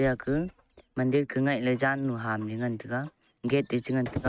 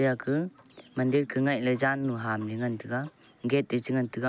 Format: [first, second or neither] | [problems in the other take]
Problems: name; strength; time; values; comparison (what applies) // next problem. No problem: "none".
second | noise reduction (neural mask model RNNoise)